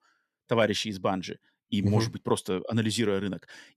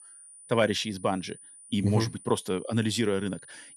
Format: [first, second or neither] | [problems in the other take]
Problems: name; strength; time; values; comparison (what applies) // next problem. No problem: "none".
first | high-pitched whine; noticeable; throughout; 9.5 kHz, 20 dB below the speech